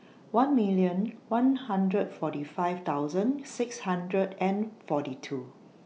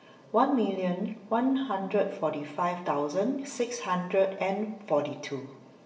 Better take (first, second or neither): first